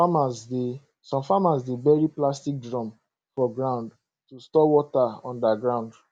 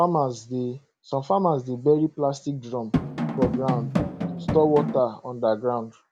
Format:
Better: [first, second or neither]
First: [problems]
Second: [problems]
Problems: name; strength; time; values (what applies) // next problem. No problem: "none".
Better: first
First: none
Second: background sound (Drum); 1 dB below the speech